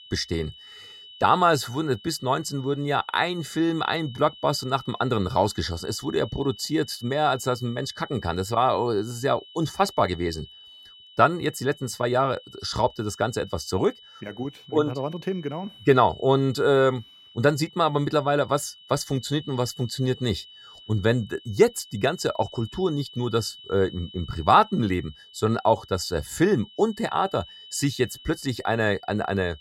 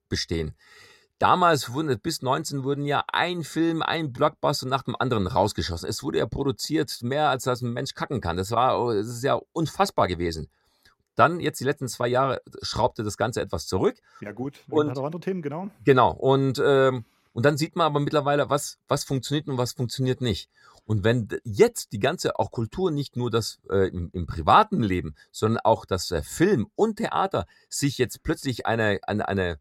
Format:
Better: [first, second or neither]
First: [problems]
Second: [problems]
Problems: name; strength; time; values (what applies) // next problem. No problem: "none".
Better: second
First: high-pitched whine; noticeable; throughout; 3 kHz, 20 dB below the speech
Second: none